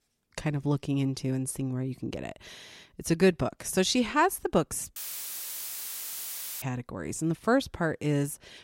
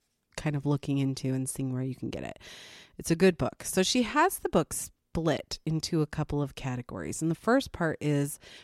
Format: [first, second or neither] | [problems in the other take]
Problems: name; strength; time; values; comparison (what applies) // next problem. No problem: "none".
second | audio cutting out; filled with static; at 5 s for 1.5 s